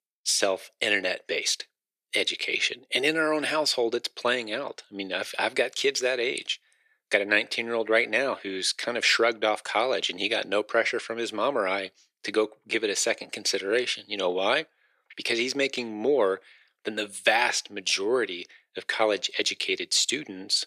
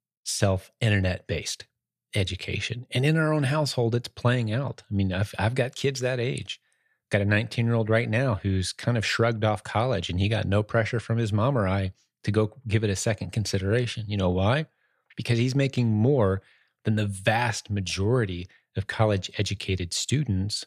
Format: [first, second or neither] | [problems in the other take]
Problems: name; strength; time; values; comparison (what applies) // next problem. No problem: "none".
second | thin; very; fading below 350 Hz